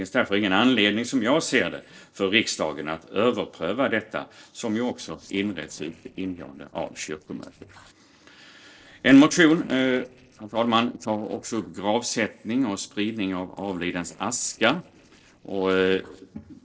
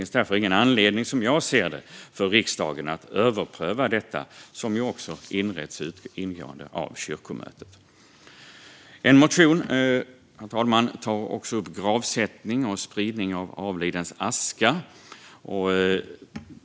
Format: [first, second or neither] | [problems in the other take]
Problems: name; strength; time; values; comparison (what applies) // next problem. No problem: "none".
second | noise reduction (neural separator model SepFormer DNS4)